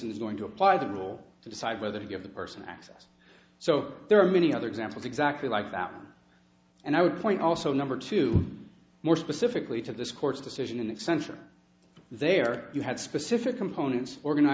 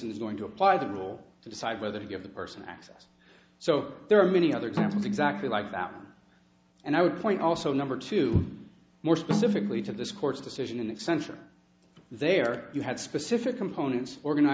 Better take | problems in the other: first | background sound (Snare drum); 6 dB below the speech

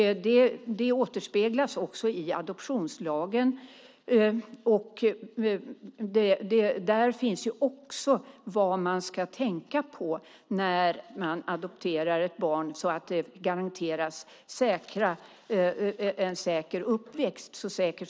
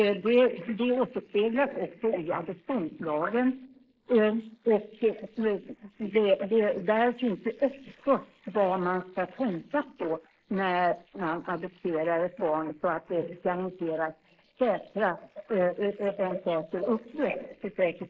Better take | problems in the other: first | noise reduction (neural mask model Resemble Enhance denoiser)

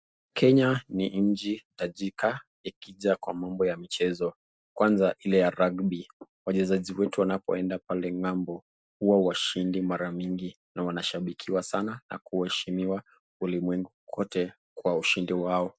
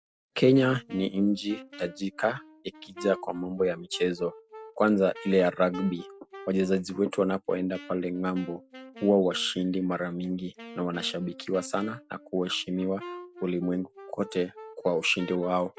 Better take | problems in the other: first | background sound (Wind instrument, woodwind instrument); 18 dB below the speech

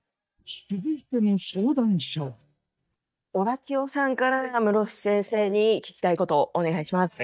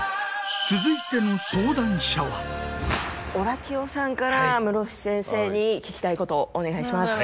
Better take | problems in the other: second | noise reduction (neural mask model DeepFilterNet 3)

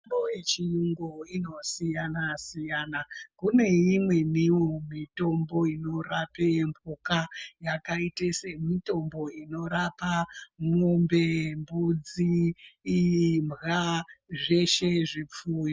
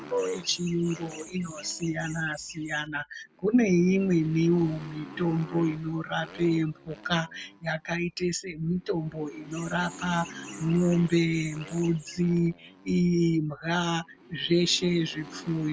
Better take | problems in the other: first | background sound (Chirp, tweet + Motorcycle); 18 dB below the speech

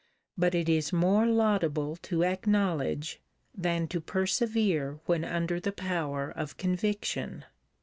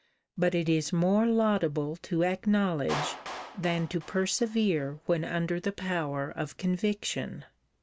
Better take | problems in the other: first | background sound (Clapping); 17 dB below the speech

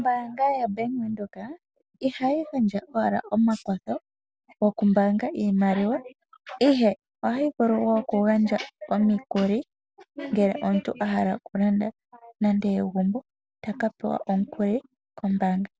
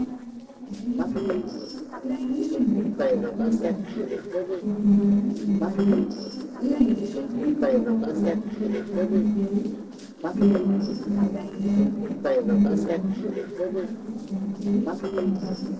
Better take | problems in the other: first | noise reduction (neural separator model SepFormer DNS4)

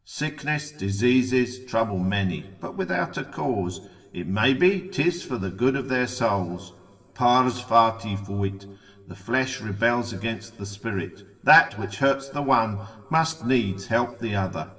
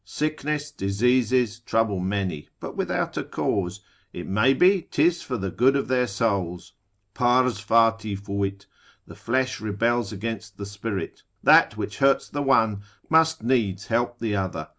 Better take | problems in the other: second | room echo; dies away in 2.1 s

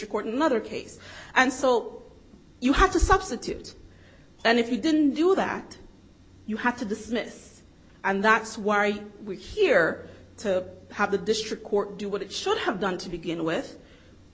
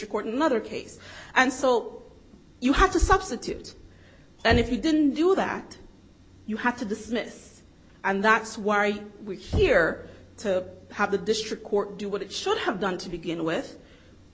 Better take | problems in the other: first | background sound (Knock); 15 dB below the speech

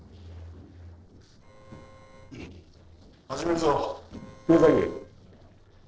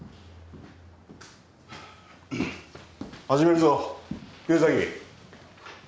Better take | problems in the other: second | noise reduction (neural separator model SepFormer DNS4)

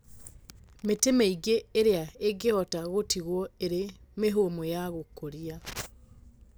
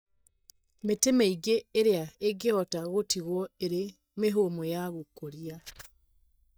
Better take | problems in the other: first | noise reduction (neural mask model DeepFilterNet 3)

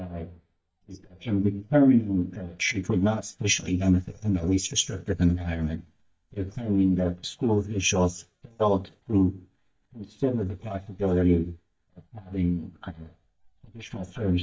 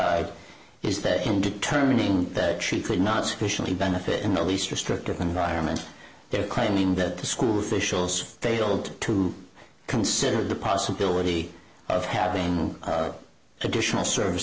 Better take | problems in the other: second | noise reduction (neural mask model DeepFilterNet 3)

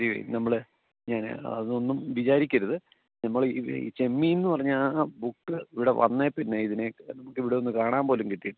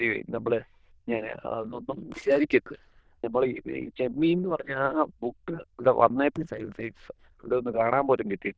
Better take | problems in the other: first | noise reduction (neural diffusion model UNIVERSE++)

